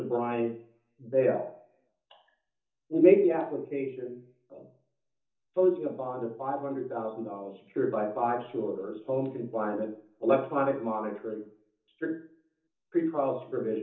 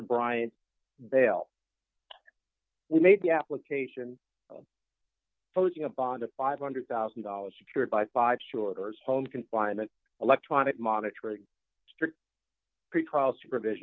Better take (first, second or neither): second